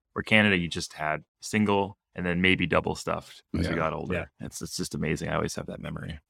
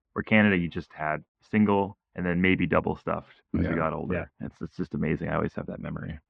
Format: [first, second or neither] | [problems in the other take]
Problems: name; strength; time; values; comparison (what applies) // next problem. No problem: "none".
first | muffled; very; fading above 2 kHz